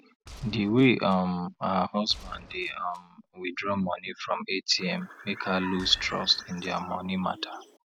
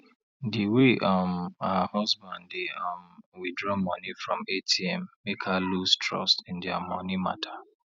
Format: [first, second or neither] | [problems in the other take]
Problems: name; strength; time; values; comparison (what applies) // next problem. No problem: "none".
second | background sound (Bird + Gunshot, gunfire); 18 dB below the speech